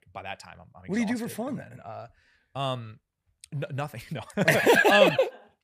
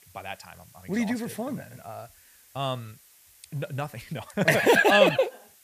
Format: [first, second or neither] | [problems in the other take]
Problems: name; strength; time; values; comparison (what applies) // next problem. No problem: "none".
first | hiss; faint; throughout; 30 dB below the speech